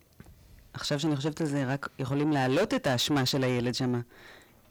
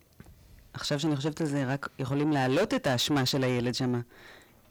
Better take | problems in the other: neither | distortion; heavy; 6 dB below the speech; the same in both

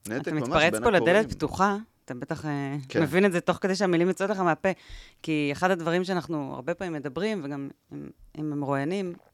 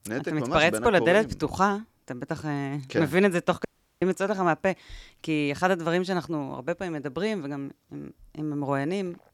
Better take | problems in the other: first | audio cutting out; at 3.5 s

